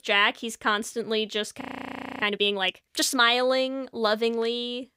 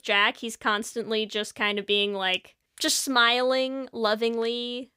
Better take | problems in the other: second | audio freezing; at 1.5 s for 0.5 s

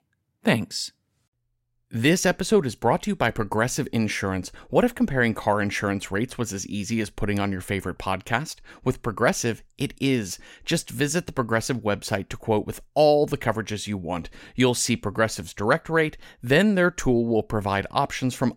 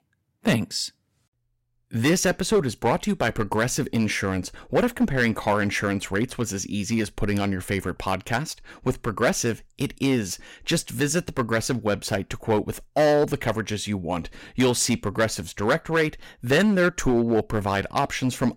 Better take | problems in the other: first | distortion; slight; 4% of the sound clipped

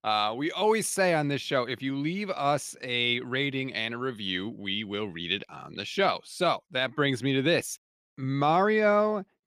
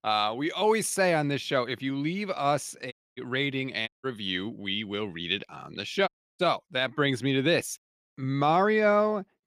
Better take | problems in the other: first | audio cutting out; at 3 s, at 4 s and at 6 s

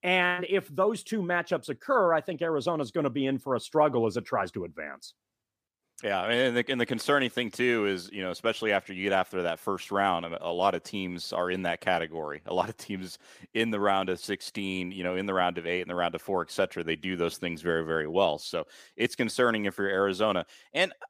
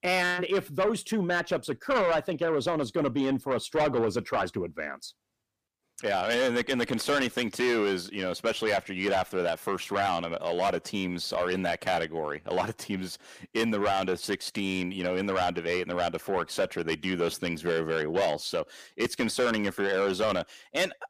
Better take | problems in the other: first | distortion; heavy; 8 dB below the speech

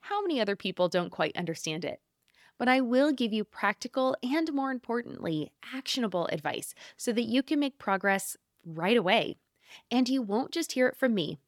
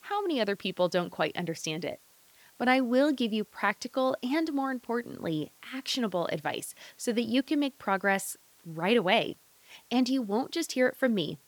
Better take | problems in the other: first | hiss; faint; throughout; 30 dB below the speech

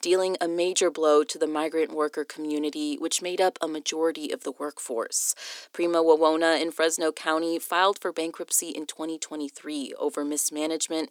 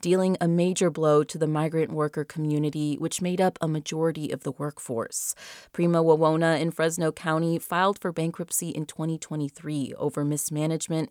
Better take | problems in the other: second | thin; somewhat; fading below 300 Hz

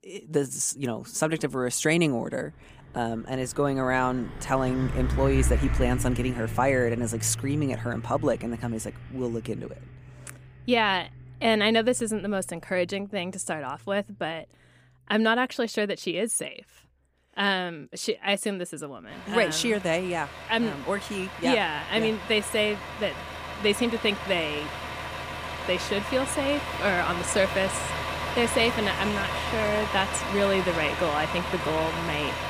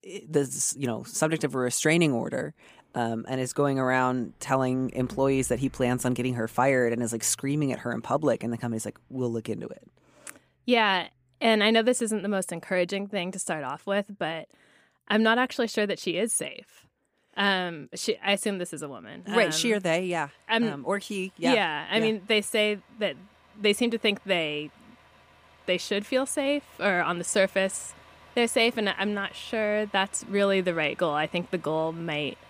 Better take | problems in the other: second | traffic noise; loud; throughout; 6 dB below the speech; faint in the second

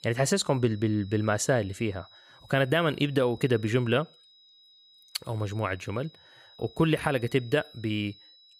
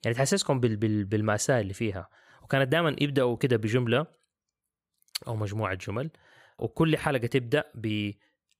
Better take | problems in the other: second | high-pitched whine; faint; throughout; 4 kHz, 25 dB below the speech

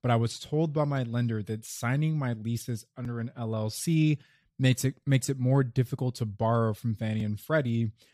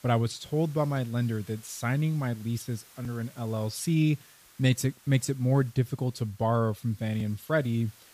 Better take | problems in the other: first | hiss; faint; throughout; 25 dB below the speech

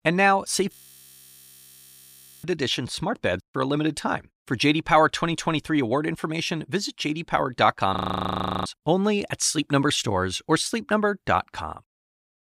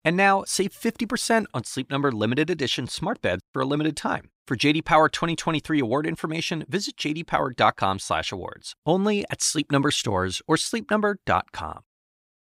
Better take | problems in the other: second | audio freezing; at 0.5 s for 1.5 s and at 8 s for 0.5 s

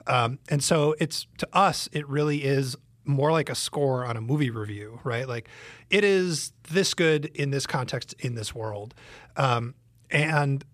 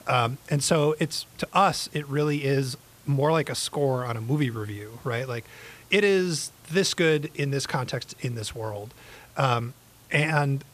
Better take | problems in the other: first | hiss; faint; throughout; 25 dB below the speech

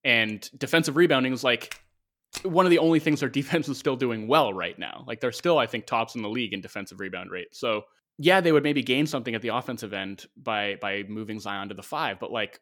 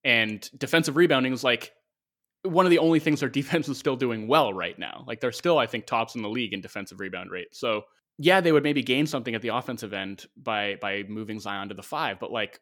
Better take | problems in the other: second | footsteps; faint; at 1.5 s; peak 15 dB below the speech

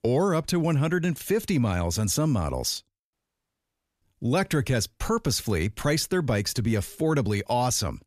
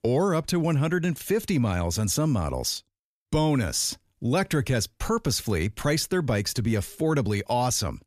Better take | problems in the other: second | audio cutting out; at 3 s for 1 s

